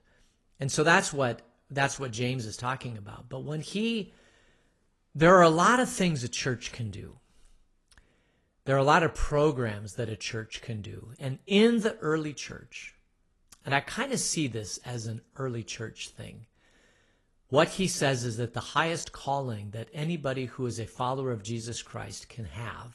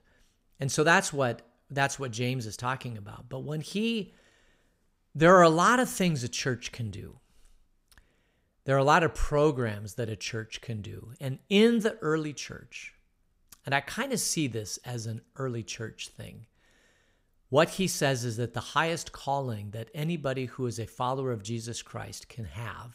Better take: second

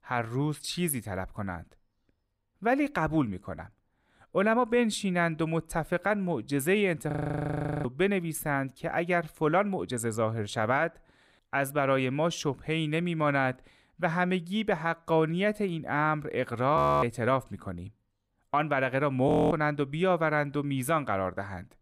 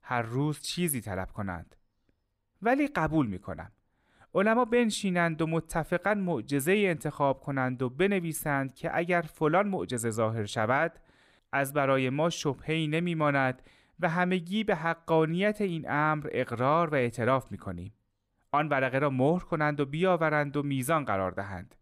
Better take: second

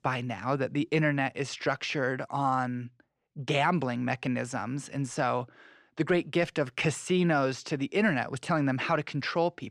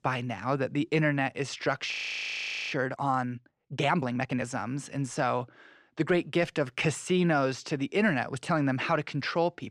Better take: first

